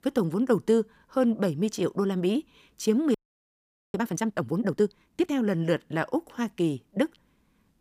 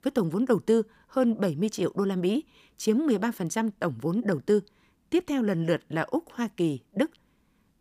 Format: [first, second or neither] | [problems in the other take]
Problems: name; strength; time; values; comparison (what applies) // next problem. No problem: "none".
second | audio freezing; at 3 s for 1 s